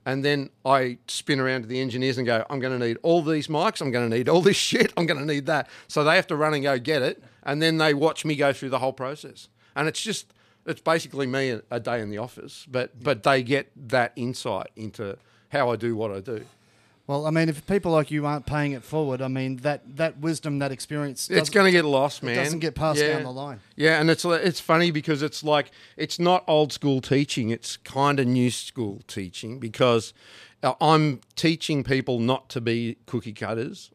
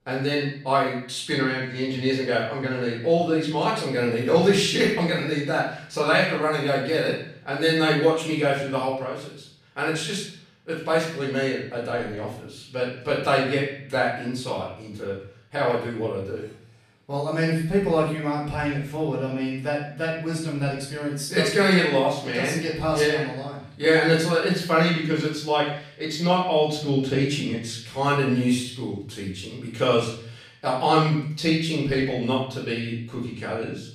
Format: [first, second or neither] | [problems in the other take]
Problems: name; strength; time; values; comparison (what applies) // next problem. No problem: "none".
first | off-mic speech; far // room echo; noticeable; dies away in 0.6 s